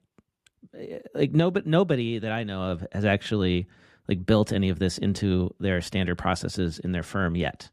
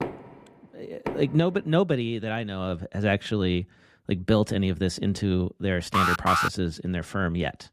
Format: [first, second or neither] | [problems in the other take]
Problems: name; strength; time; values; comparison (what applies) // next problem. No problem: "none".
first | door banging; noticeable; until 1.5 s; peak 8 dB below the speech // alarm; loud; at 6 s; peak 4 dB above the speech